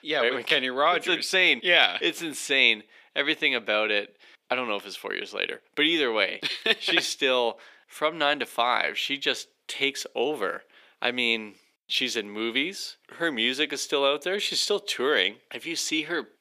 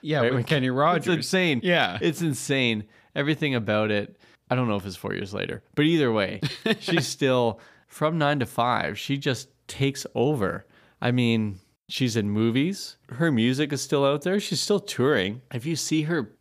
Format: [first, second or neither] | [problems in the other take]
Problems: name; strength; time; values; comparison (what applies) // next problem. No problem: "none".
second | thin; somewhat; fading below 350 Hz